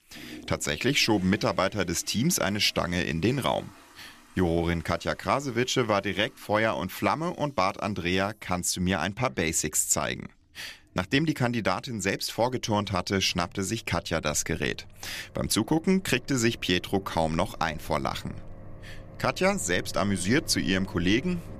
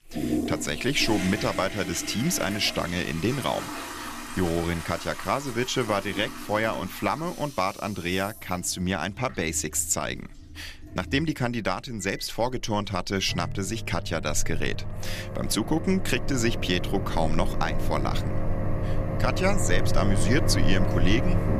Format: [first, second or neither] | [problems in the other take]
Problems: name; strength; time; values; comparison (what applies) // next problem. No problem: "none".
first | household noises; loud; throughout; 5 dB below the speech; faint in the first